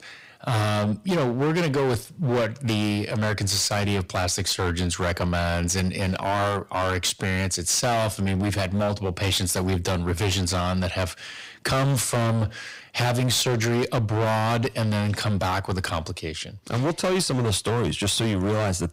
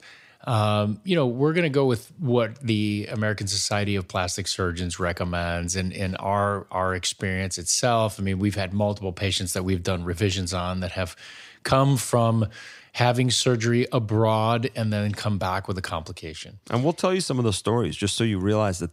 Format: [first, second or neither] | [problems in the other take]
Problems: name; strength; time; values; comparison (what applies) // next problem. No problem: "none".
second | distortion; heavy; 20% of the sound clipped